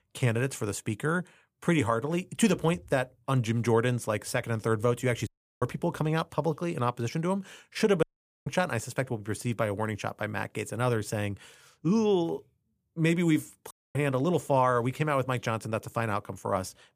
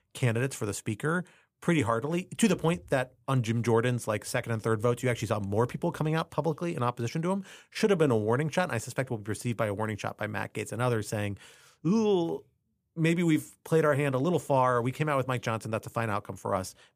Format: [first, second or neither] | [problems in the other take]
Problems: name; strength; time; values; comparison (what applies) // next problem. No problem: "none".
second | audio cutting out; at 5.5 s, at 8 s and at 14 s